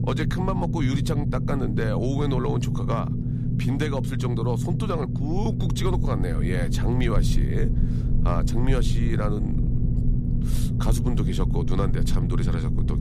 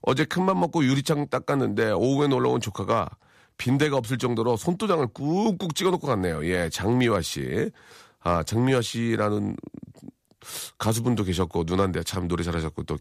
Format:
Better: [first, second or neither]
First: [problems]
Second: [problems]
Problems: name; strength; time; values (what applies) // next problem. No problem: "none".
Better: second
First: low rumble; loud; throughout; 5 dB below the speech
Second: none